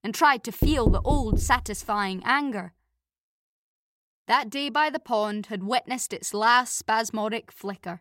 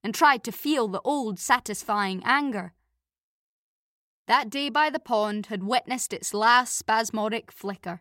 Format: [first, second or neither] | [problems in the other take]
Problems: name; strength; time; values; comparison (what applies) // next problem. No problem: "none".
second | door banging; loud; from 0.5 to 1.5 s; peak level with the speech